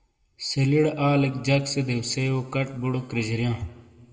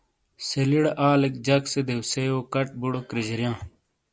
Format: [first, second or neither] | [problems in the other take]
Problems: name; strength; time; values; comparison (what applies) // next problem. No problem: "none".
second | room echo; dies away in 1.2 s